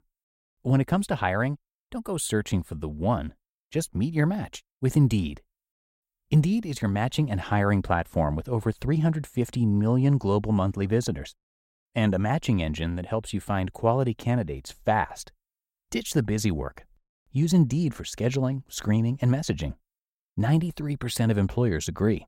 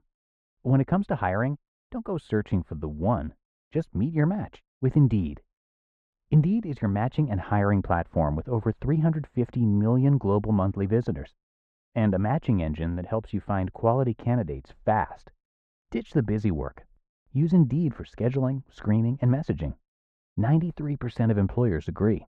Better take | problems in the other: first | muffled; very; fading above 1.5 kHz

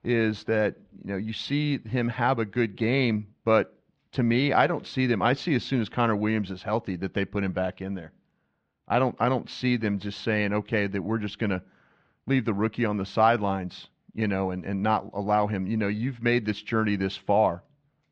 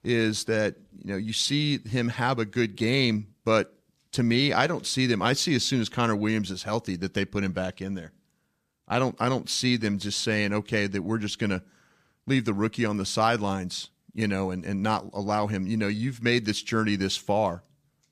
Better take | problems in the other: second | muffled; slightly; fading above 3 kHz

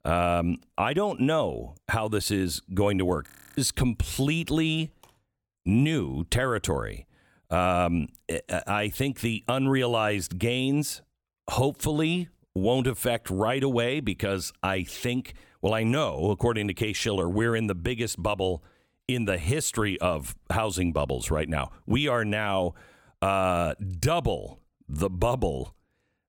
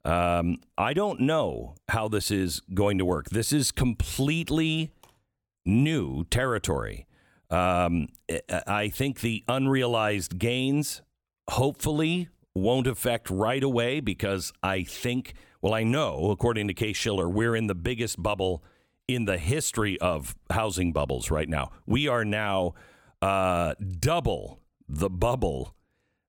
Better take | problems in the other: second | audio freezing; at 3.5 s

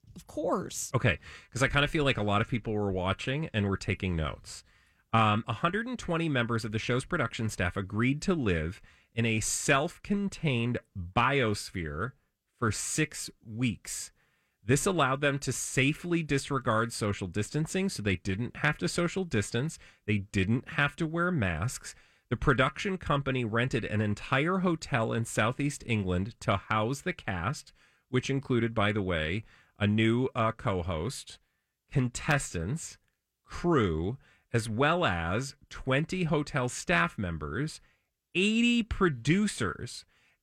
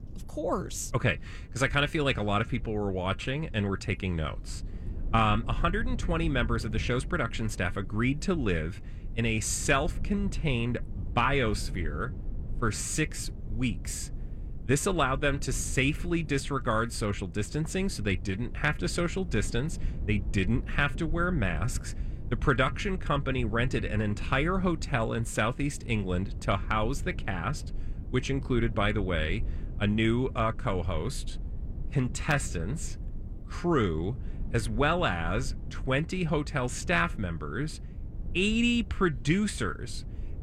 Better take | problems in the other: first | low rumble; faint; throughout; 20 dB below the speech

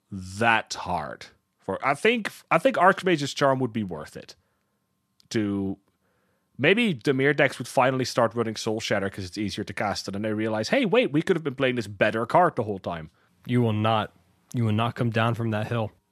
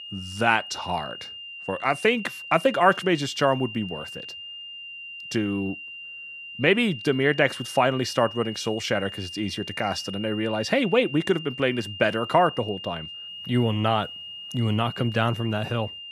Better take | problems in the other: first | high-pitched whine; noticeable; throughout; 3 kHz, 10 dB below the speech

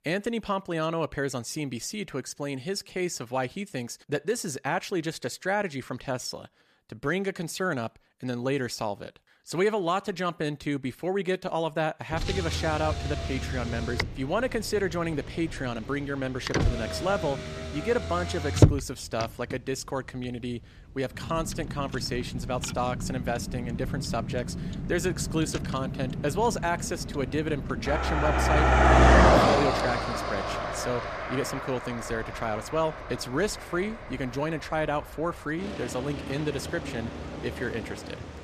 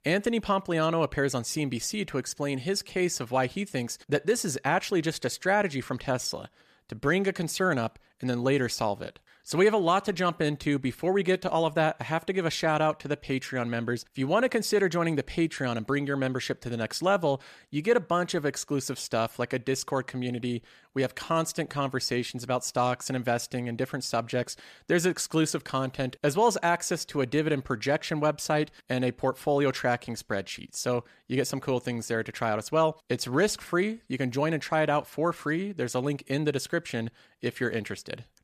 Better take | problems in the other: second | traffic noise; very loud; from 12 s on; 3 dB above the speech

